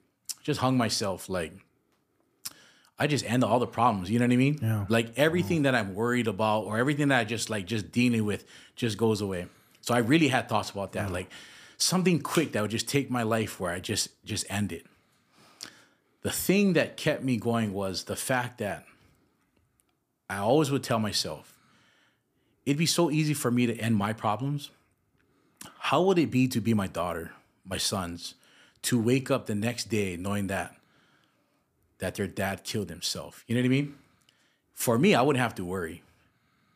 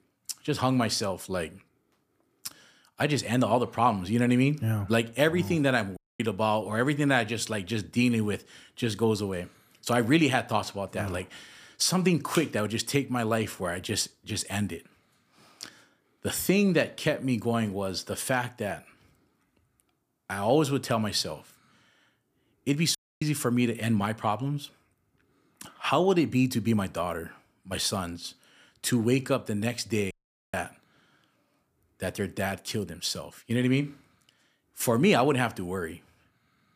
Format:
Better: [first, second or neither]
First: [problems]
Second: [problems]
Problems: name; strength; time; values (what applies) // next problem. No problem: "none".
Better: first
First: none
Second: audio cutting out; at 6 s, at 23 s and at 30 s